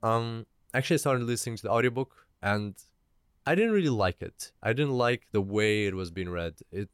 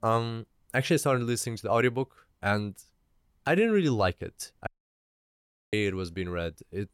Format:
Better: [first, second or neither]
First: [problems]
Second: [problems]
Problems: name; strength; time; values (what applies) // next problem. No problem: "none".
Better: first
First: none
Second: audio cutting out; at 4.5 s for 1 s